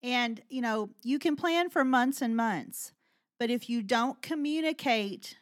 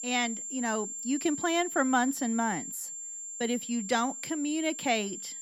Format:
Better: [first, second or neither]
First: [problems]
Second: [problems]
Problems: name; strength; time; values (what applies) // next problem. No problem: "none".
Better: first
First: none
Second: high-pitched whine; loud; throughout; 7.5 kHz, 6 dB below the speech